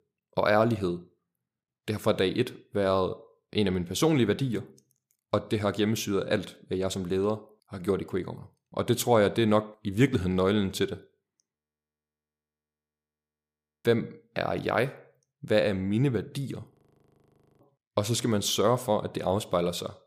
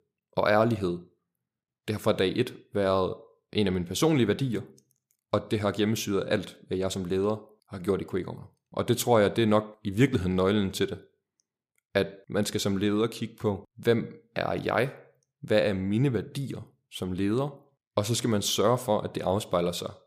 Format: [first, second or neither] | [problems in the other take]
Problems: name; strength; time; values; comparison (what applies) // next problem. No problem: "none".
second | audio freezing; at 12 s for 2.5 s and at 17 s for 1 s